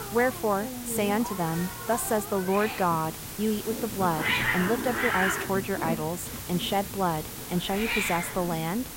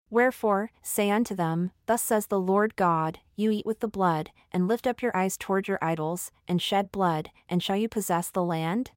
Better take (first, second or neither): second